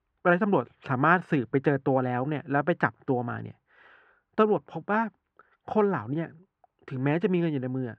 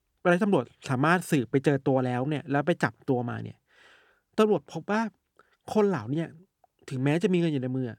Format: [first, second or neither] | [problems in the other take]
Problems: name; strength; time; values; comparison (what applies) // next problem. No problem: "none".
second | muffled; very; fading above 2 kHz